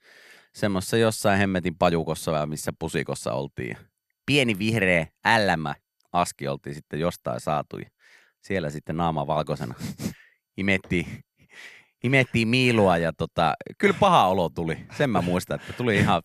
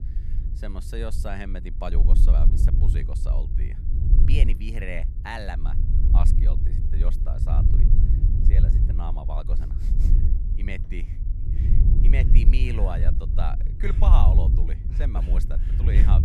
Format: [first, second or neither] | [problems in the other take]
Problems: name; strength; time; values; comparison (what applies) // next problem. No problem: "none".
first | low rumble; loud; throughout; 5 dB below the speech